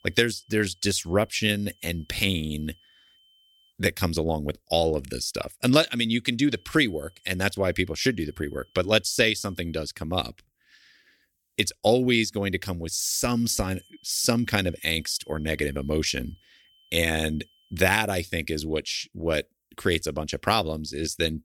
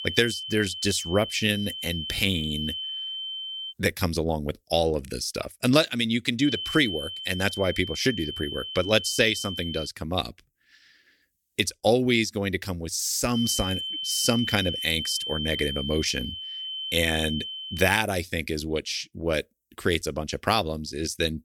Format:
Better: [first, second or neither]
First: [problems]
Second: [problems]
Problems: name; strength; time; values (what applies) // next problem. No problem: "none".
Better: first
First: high-pitched whine; faint; until 3.5 s, from 6.5 to 10 s and from 13 to 18 s; 3 kHz, 35 dB below the speech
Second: high-pitched whine; loud; until 3.5 s, from 6.5 to 10 s and from 13 to 18 s; 3 kHz, 6 dB below the speech